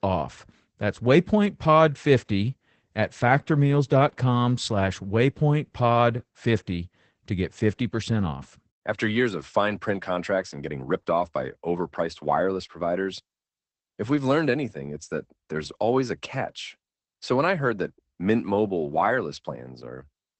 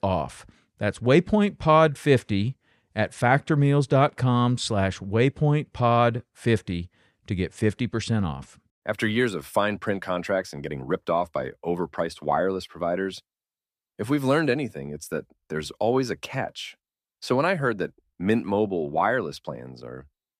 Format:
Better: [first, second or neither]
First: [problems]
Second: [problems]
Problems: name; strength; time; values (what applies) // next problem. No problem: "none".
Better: second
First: garbled, watery; badly; nothing above 8 kHz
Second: none